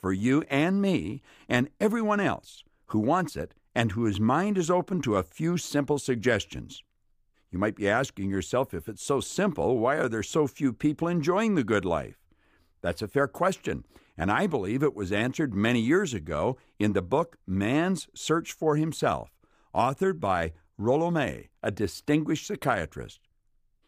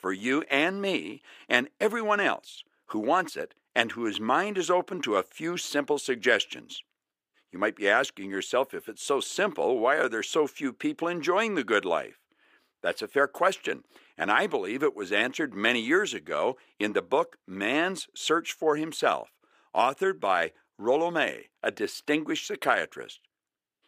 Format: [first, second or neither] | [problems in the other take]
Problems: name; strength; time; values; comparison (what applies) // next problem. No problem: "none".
first | thin; somewhat; fading below 400 Hz